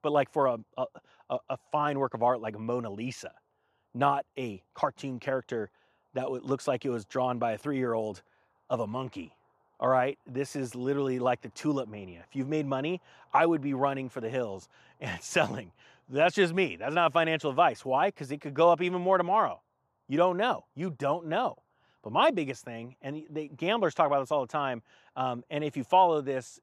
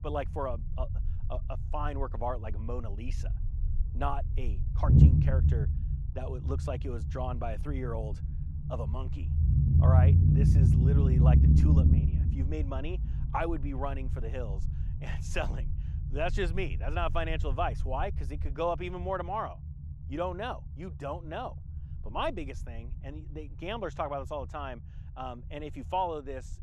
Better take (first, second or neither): first